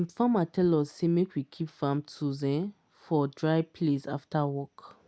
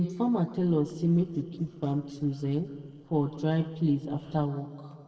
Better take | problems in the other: first | noise reduction (neural separator model SepFormer DNS4)

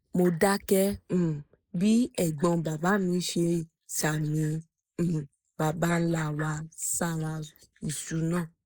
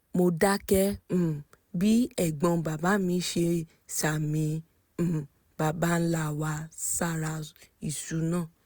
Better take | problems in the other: second | noise reduction (neural mask model Resemble Enhance denoiser)

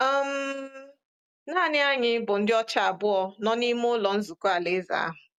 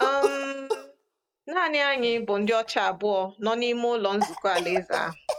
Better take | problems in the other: first | background sound (Cough); 7 dB below the speech

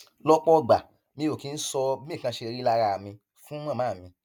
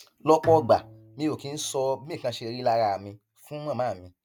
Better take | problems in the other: first | background sound (Bowed string instrument); 17 dB below the speech

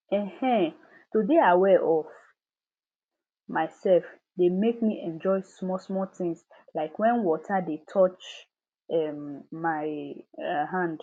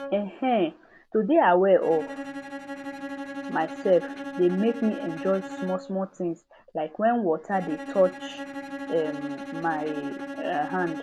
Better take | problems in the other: first | background sound (Bowed string instrument); 11 dB below the speech

